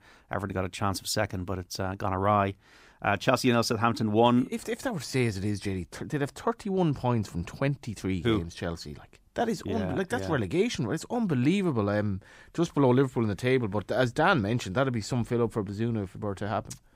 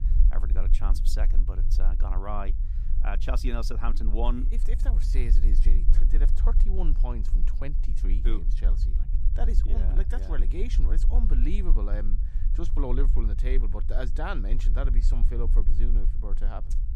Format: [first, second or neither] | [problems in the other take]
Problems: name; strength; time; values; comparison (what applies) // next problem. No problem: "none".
first | low rumble; noticeable; throughout; 10 dB below the speech